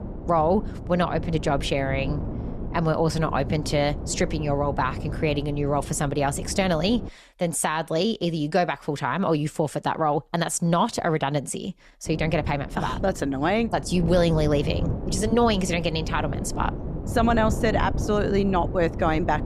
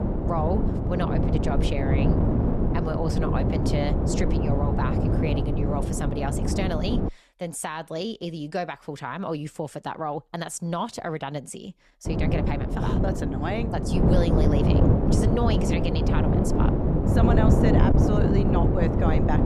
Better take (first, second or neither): first